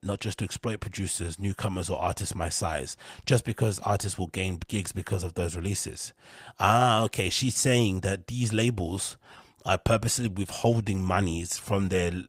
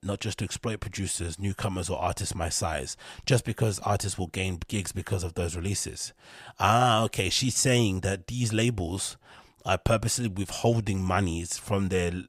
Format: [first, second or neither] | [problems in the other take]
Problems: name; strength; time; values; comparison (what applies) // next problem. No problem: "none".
second | garbled, watery; slightly; nothing above 15.5 kHz